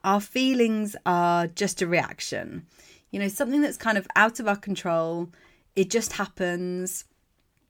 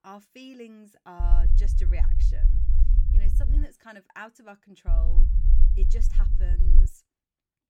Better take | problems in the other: first | low rumble; loud; from 1 to 3.5 s and from 5 to 7 s; 3 dB below the speech

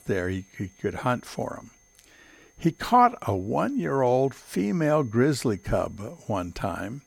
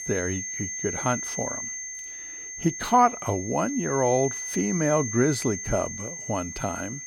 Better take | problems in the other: first | high-pitched whine; loud; throughout; 6.5 kHz, 6 dB below the speech; faint in the first

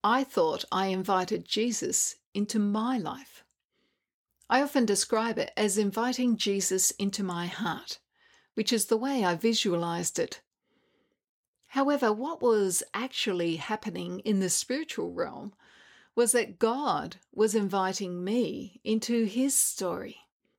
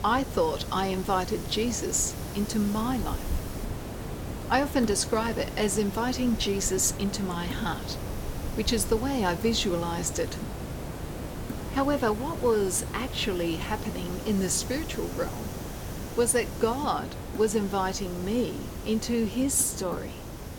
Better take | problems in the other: first | hiss; loud; throughout; 8 dB below the speech

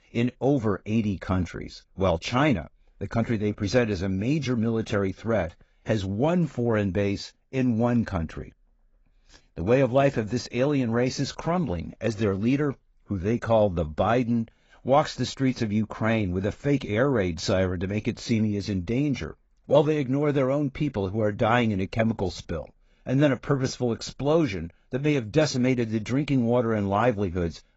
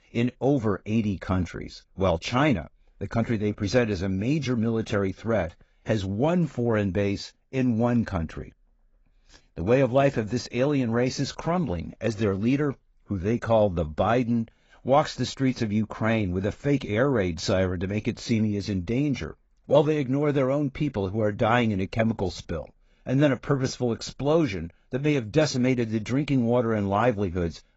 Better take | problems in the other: neither | garbled, watery; badly; nothing above 7.5 kHz; the same in both

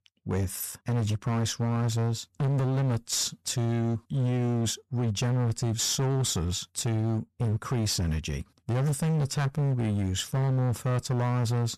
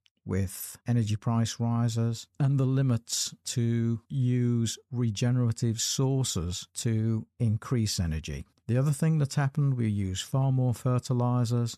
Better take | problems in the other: second | distortion; slight; 30% of the sound clipped

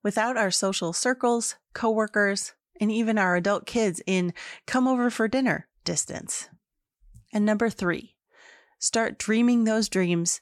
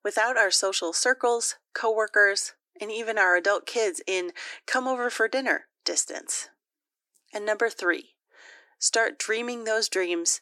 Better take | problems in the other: first | thin; very; fading below 300 Hz

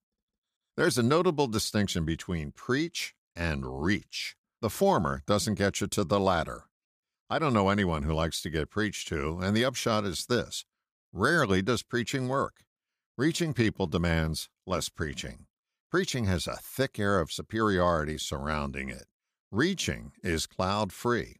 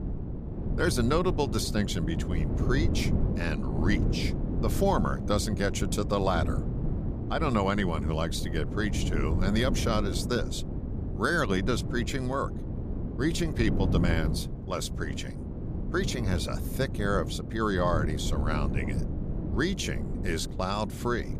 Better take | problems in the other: first | wind noise on the microphone; heavy; 9 dB below the speech

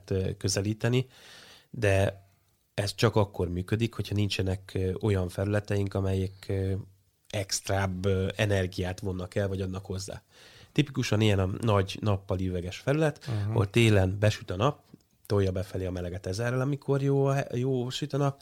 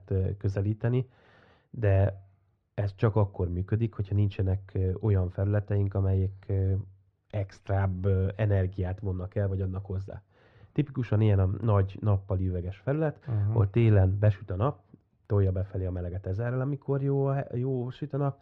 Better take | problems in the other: first | muffled; very; fading above 1.5 kHz

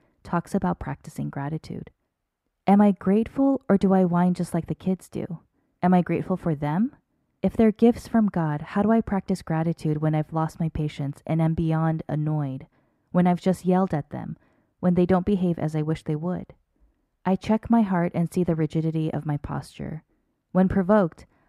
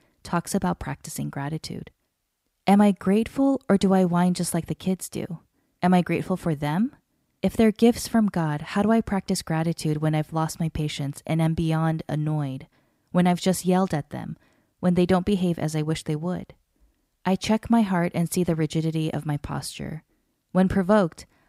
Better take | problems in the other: second | muffled; slightly; fading above 2.5 kHz

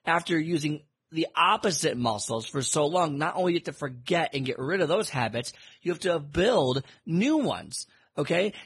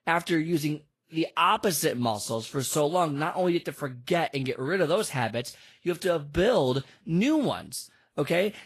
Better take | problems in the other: second | garbled, watery; badly; nothing above 11.5 kHz; slightly in the second

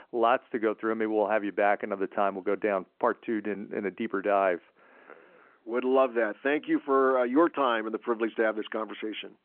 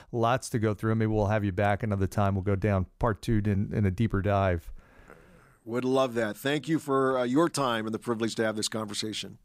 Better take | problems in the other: second | phone-call audio

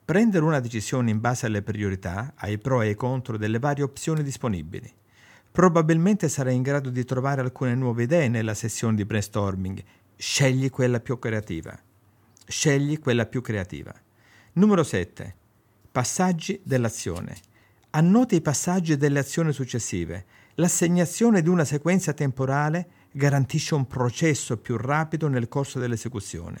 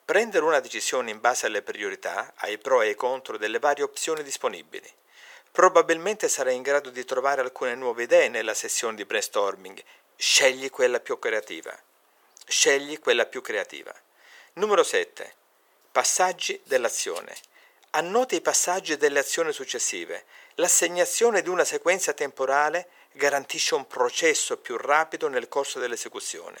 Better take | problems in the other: first | thin; very; fading below 450 Hz

